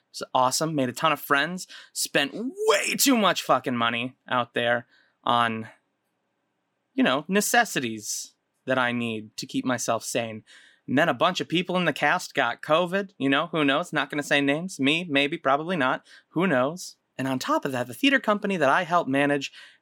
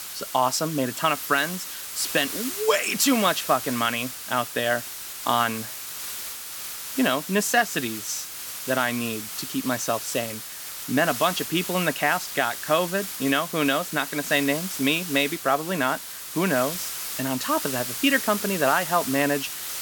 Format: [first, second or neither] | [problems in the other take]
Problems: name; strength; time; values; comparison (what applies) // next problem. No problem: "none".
first | hiss; loud; throughout; 6 dB below the speech